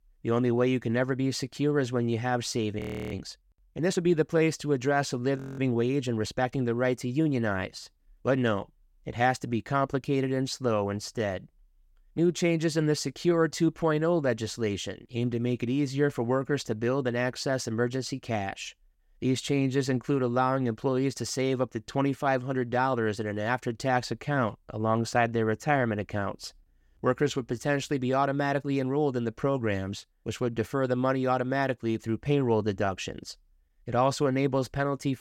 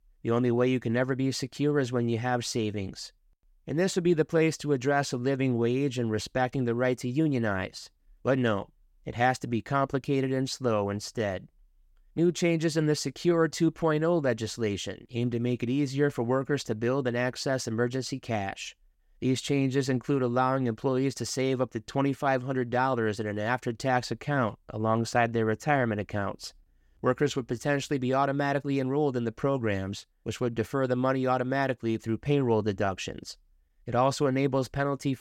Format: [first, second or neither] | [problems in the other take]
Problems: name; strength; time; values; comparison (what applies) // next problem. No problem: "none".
second | audio freezing; at 3 s and at 5.5 s